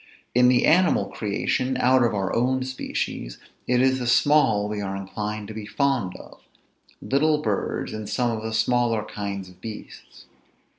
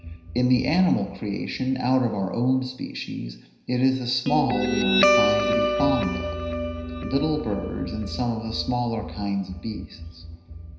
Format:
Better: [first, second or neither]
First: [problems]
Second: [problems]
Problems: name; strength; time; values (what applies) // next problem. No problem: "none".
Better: first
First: none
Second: background sound (Guitar); 3 dB below the speech // room echo; dies away in 0.9 s